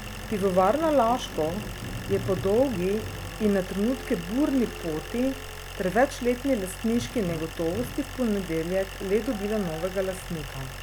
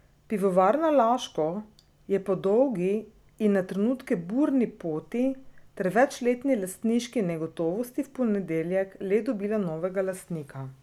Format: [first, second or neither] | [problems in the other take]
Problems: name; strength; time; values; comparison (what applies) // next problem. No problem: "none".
second | background sound (Squeak + Idling); 10 dB below the speech